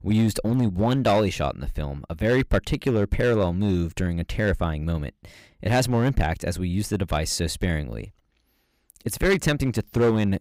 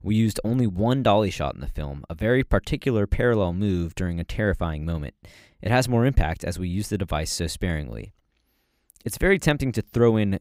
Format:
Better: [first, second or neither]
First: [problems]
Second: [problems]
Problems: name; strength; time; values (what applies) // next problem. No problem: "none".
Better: second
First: distortion; slight; 5% of the sound clipped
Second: none